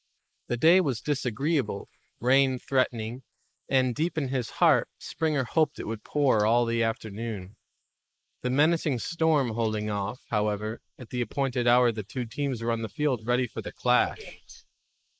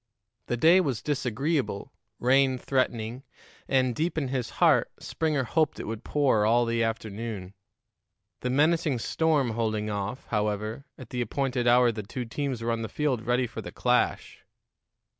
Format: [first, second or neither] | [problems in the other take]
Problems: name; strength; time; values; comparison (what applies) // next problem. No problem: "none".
second | noise reduction (neural mask model Resemble Enhance denoiser)